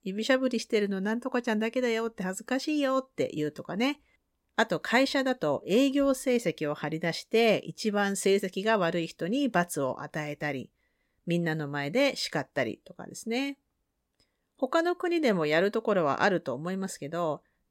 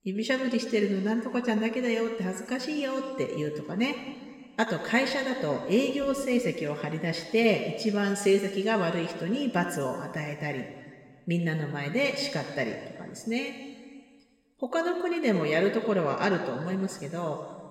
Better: first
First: none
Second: room echo; slight; dies away in 1.7 s

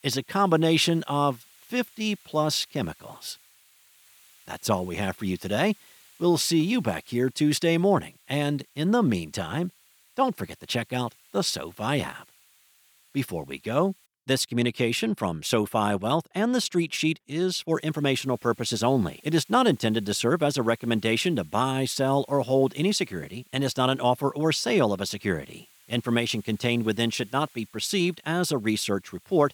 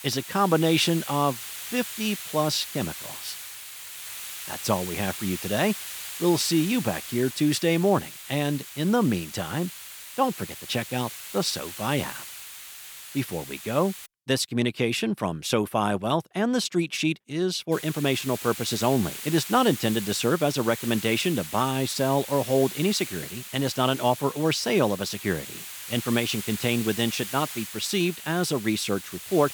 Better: first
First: hiss; faint; until 14 s and from 18 s on; 30 dB below the speech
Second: hiss; loud; until 14 s and from 18 s on; 10 dB below the speech

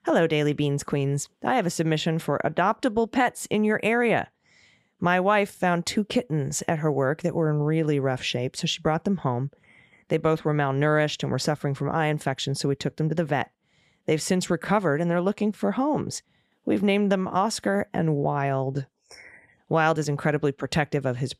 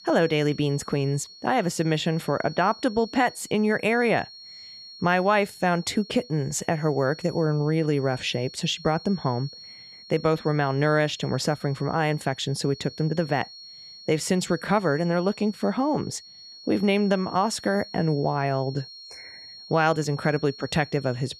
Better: first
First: none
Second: high-pitched whine; noticeable; throughout; 4.5 kHz, 20 dB below the speech

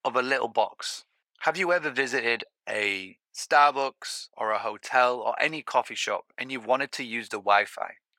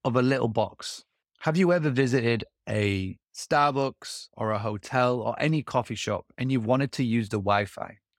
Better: second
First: thin; very; fading below 550 Hz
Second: none

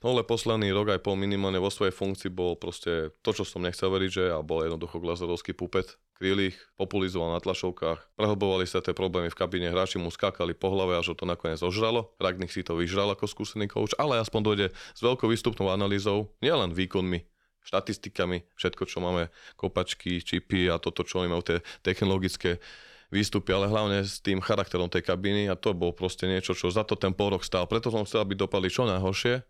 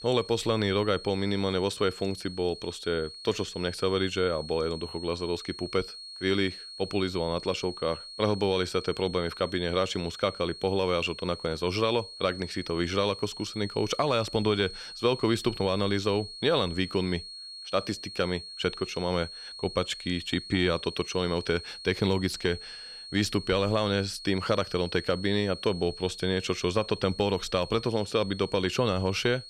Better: first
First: none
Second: high-pitched whine; noticeable; throughout; 4.5 kHz, 10 dB below the speech

